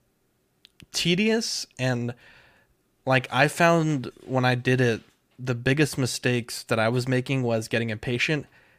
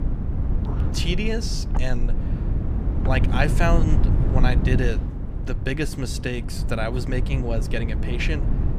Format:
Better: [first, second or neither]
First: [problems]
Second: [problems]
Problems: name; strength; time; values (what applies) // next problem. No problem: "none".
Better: first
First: none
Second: wind noise on the microphone; heavy; 8 dB below the speech